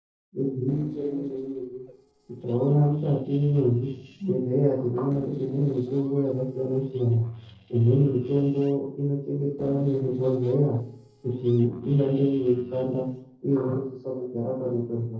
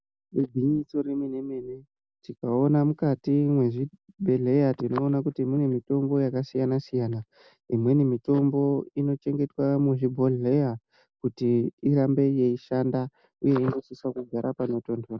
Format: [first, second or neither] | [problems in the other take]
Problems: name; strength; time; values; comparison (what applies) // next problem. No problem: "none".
second | noise reduction (neural separator model SepFormer DNS4)